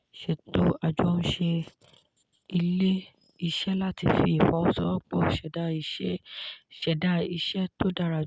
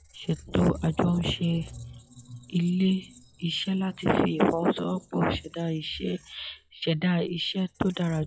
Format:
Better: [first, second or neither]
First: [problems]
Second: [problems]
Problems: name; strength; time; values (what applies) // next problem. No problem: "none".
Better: first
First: none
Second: noise reduction (classical method log-MMSE)